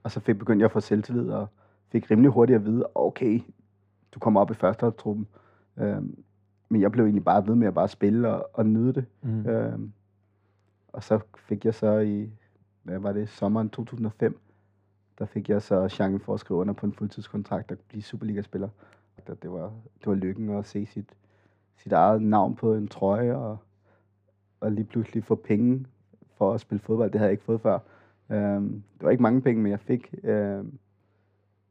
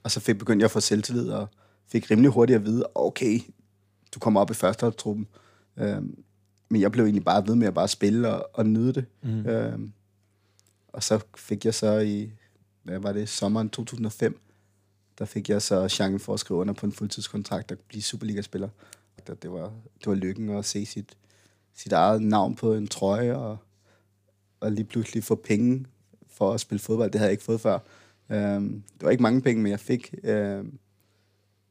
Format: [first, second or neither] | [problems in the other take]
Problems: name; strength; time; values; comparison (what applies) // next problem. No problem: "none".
second | muffled; very; fading above 4 kHz